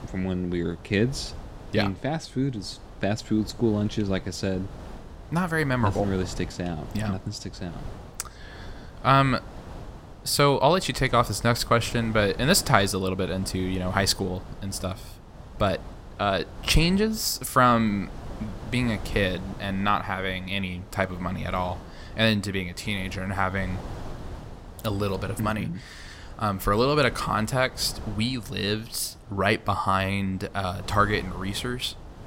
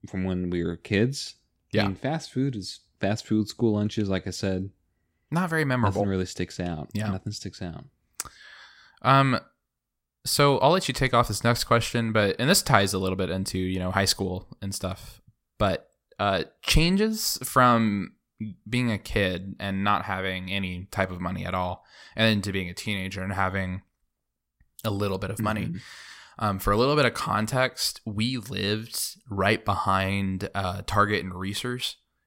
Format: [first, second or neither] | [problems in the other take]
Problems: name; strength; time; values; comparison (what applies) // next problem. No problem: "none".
second | wind noise on the microphone; occasional gusts; 20 dB below the speech